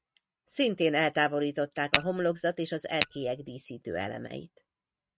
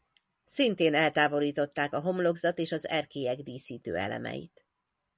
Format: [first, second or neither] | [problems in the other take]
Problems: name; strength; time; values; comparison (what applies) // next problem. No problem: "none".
second | noise reduction (neural mask model RNNoise)